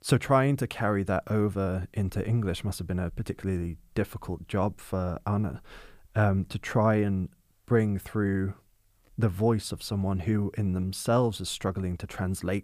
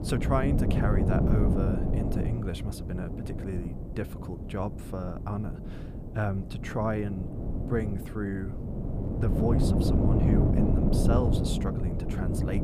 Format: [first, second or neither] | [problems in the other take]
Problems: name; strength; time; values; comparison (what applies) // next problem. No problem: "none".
first | wind noise on the microphone; heavy; as loud as the speech